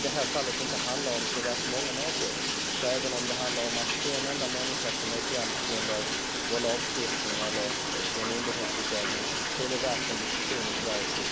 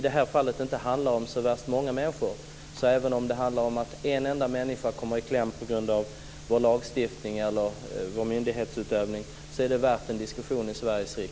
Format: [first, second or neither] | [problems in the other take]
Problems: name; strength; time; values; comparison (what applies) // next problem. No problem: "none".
second | background sound (Bathtub (filling or washing)); 5 dB above the speech